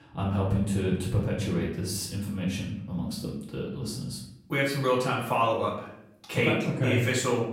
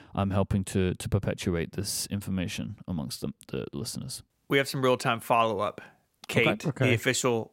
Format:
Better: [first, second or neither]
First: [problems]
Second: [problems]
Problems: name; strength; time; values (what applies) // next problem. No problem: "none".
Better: second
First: off-mic speech; far // room echo; noticeable; dies away in 0.6 s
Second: none